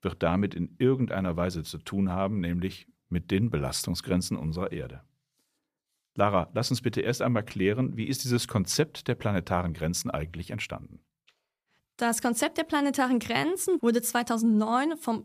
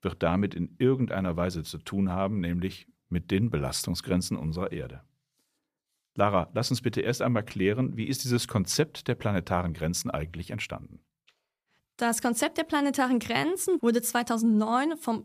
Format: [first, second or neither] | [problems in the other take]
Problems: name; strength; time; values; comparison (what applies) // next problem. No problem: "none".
neither | none